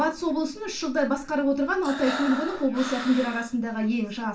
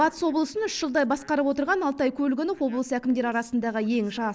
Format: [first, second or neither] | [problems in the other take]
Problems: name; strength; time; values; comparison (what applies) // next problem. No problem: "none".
second | background sound (Breathing); 9 dB below the speech // room echo; dies away in 0.3 s